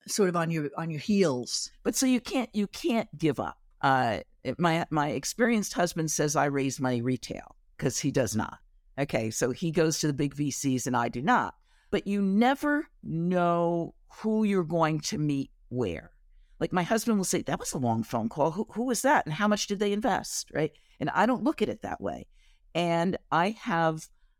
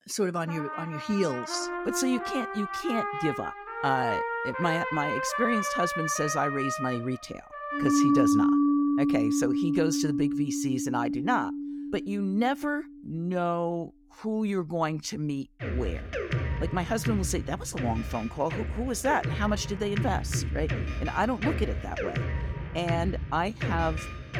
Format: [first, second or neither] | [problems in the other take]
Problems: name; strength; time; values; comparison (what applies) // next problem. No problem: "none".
first | background music; very loud; throughout; as loud as the speech